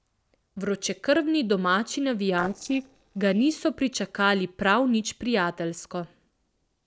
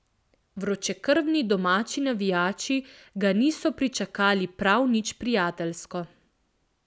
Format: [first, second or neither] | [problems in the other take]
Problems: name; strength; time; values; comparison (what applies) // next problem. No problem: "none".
second | noise reduction (neural separator model SepFormer DNS4)